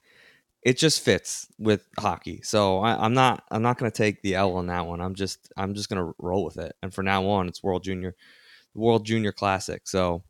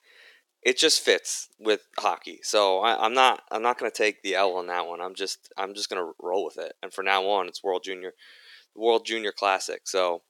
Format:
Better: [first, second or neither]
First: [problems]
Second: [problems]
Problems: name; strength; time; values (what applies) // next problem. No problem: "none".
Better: first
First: none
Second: thin; very; fading below 350 Hz